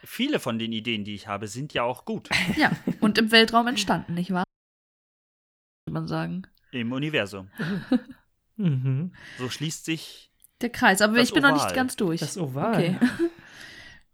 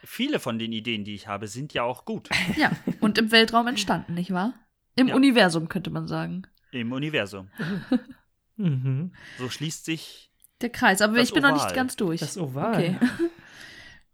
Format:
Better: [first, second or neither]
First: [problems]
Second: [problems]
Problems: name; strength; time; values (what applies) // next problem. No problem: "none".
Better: second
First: audio cutting out; at 4.5 s for 1.5 s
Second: none